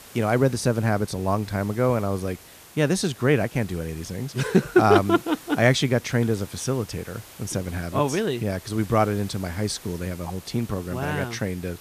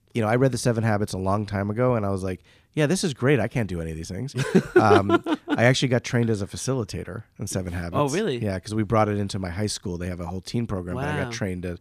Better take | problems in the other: second | hiss; faint; throughout; 20 dB below the speech

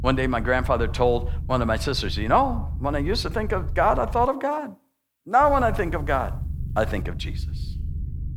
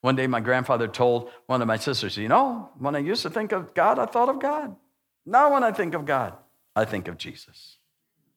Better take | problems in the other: second | low rumble; faint; until 4.5 s and from 5.5 s on; 25 dB below the speech

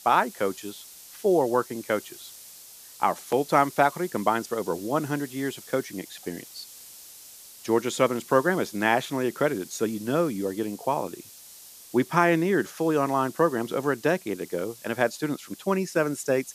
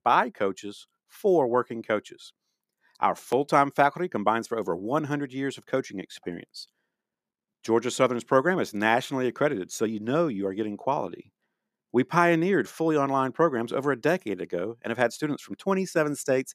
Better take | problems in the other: second | hiss; noticeable; throughout; 20 dB below the speech

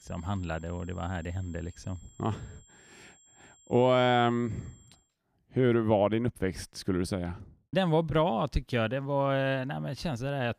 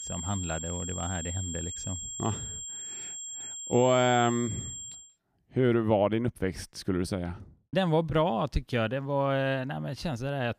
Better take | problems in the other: first | high-pitched whine; loud; until 5 s; 7.5 kHz, 7 dB below the speech; faint in the first

